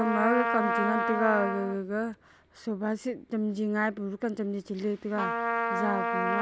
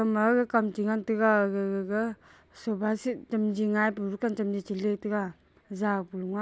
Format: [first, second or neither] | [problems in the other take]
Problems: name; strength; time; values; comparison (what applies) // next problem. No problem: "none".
second | background sound (Trumpet); 2 dB below the speech